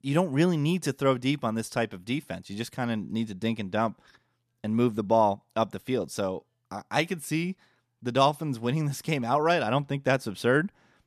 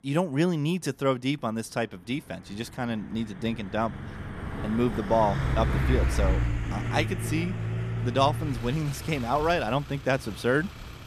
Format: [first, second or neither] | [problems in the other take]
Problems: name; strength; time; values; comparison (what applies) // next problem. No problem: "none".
first | traffic noise; loud; throughout; 3 dB below the speech